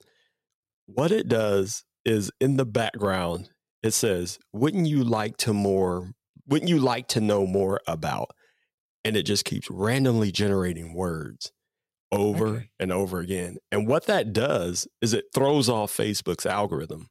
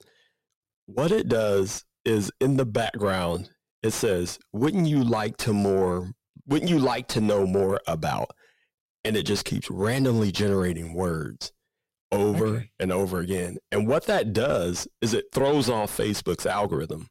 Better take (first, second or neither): first